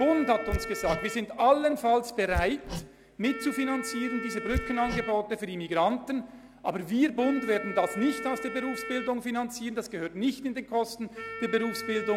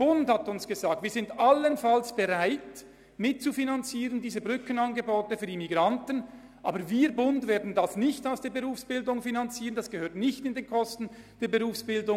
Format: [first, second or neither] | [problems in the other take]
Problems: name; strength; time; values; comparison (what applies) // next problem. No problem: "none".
second | background sound (Hammer + Wind instrument, woodwind instrument); 10 dB below the speech